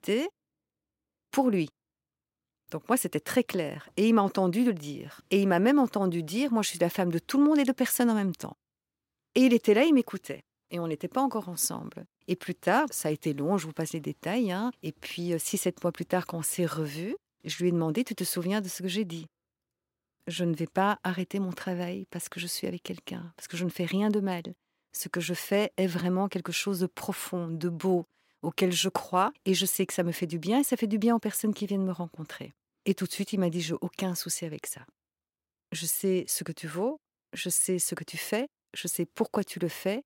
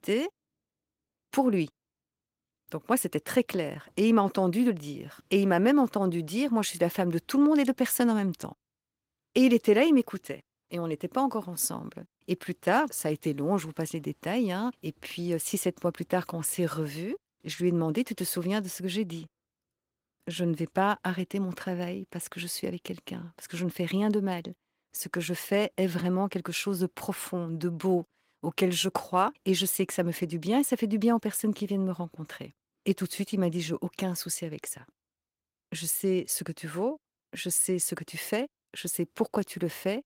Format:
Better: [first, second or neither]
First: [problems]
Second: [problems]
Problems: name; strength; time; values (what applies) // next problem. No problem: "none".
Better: first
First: none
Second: garbled, watery; slightly; nothing above 16 kHz